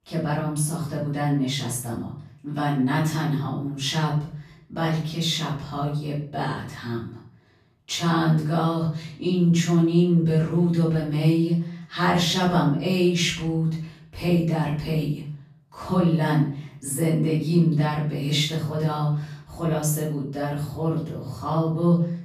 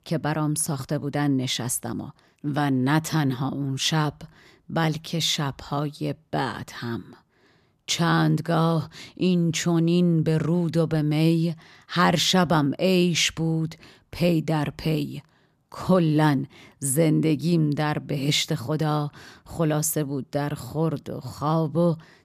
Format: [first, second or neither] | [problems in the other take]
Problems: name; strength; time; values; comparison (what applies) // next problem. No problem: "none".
second | off-mic speech; far // room echo; noticeable; dies away in 0.5 s